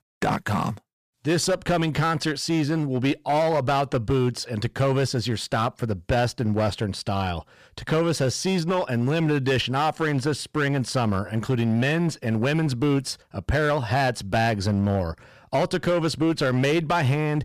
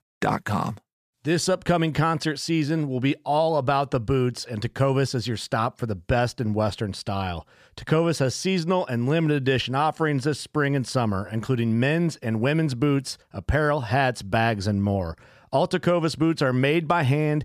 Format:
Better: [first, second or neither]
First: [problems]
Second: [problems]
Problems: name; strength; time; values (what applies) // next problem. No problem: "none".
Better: second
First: distortion; slight; 12% of the sound clipped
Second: none